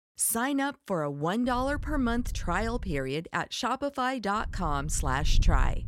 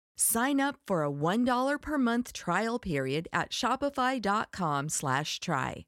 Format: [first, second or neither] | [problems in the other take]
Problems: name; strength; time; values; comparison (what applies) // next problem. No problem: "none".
second | wind noise on the microphone; occasional gusts; from 1.5 to 3 s and from 4.5 s on; 25 dB below the speech